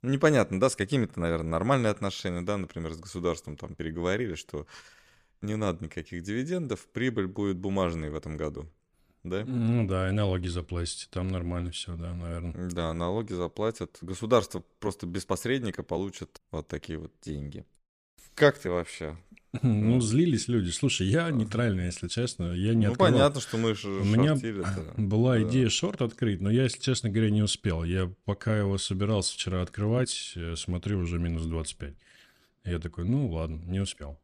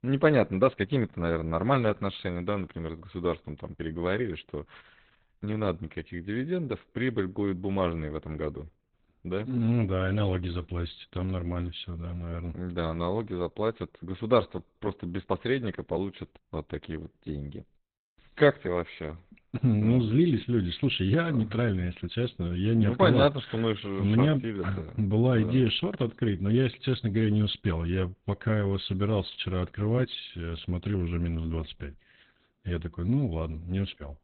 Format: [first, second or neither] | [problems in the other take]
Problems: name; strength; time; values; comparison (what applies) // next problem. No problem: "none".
first | garbled, watery; badly; nothing above 4 kHz